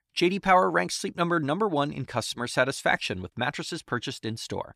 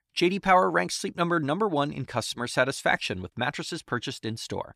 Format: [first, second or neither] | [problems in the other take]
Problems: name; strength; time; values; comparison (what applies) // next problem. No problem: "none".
neither | none